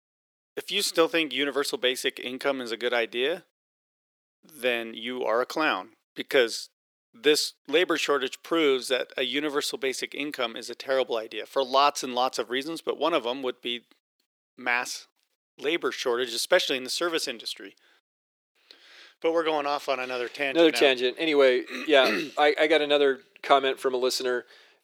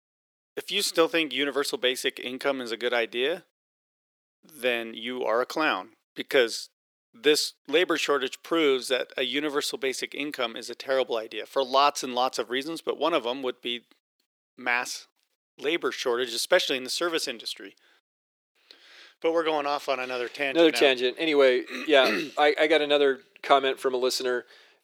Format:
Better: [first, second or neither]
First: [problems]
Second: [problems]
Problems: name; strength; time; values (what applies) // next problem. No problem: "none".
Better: neither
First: thin; very; fading below 400 Hz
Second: thin; very; fading below 400 Hz